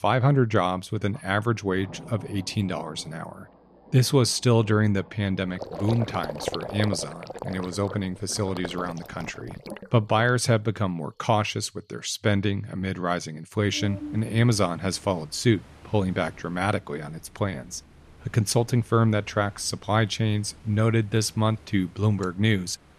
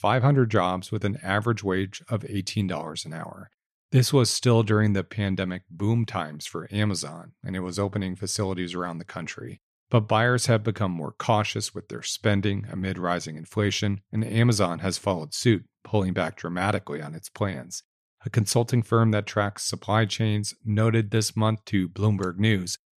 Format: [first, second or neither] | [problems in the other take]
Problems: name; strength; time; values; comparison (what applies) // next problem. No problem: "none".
second | rain or running water; noticeable; throughout; 15 dB below the speech